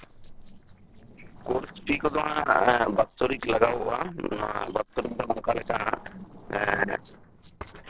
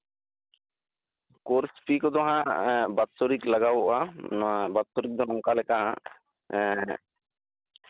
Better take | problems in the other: second | noise reduction (neural separator model SepFormer DNS4)

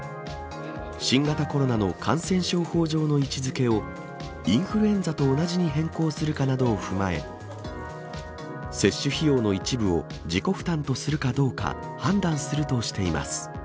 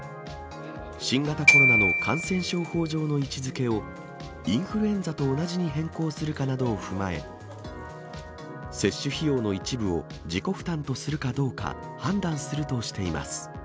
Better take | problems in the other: first | background sound (Glockenspiel); 3 dB above the speech

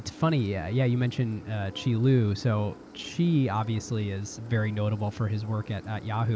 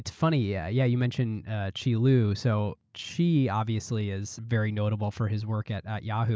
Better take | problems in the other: second | background sound (Engine); 19 dB below the speech

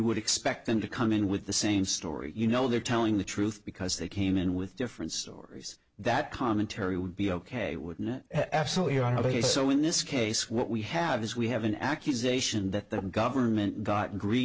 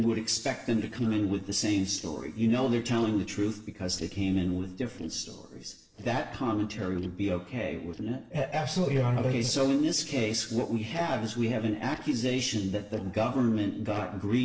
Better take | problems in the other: first | noise reduction (neural separator model SepFormer DNS4)

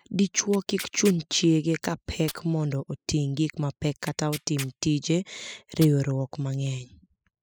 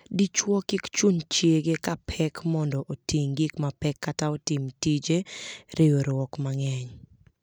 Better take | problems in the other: second | noise reduction (classical method spectral subtraction)

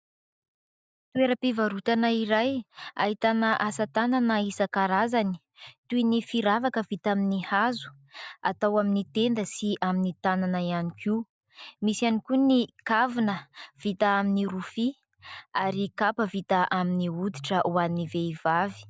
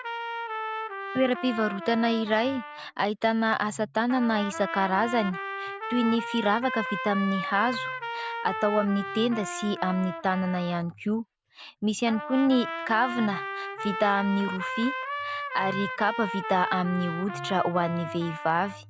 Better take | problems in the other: first | background sound (Trumpet); 7 dB below the speech

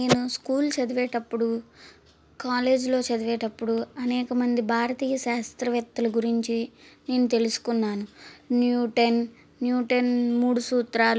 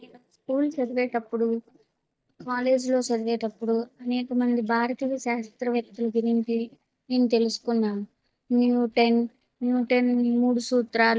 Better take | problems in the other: first | noise reduction (neural mask model DeepFilterNet 3)

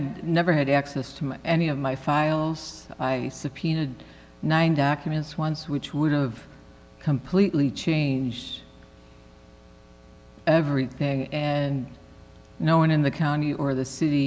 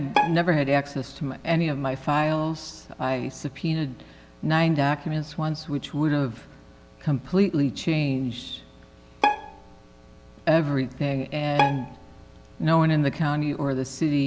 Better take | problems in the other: first | background sound (Bowed string instrument); 6 dB below the speech

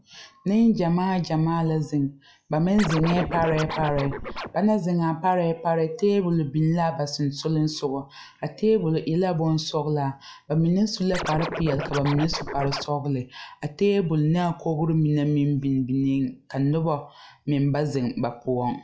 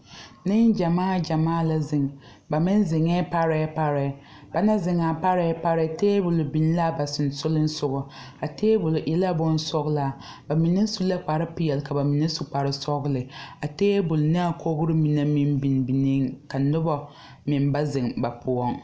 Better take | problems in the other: second | noise reduction (classical method log-MMSE)

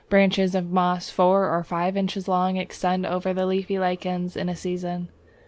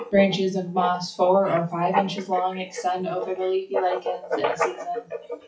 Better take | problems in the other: first | noise reduction (classical method WPE with log-MMSE)

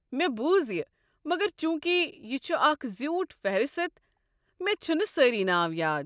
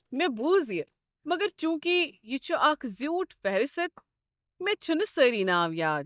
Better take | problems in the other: first | noise reduction (neural mask model DeepFilterNet 3)

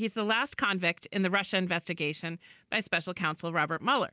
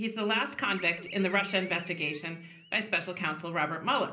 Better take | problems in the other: first | background sound (Animal); 16 dB below the speech // room echo; dies away in 0.5 s

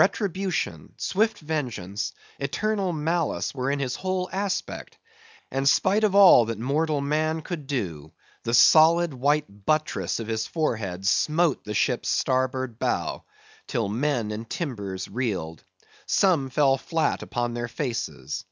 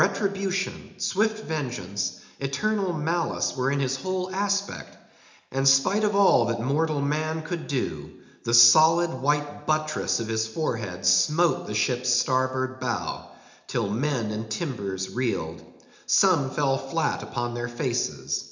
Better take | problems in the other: first | room echo; dies away in 0.8 s

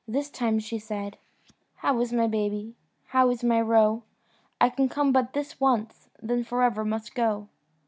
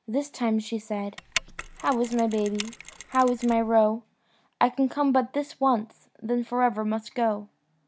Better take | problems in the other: first | background sound (Mechanisms); 12 dB below the speech

